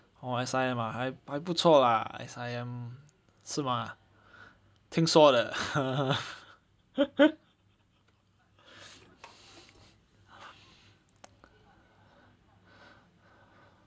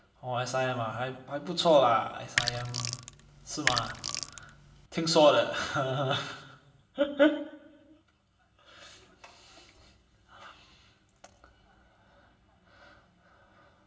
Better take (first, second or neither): first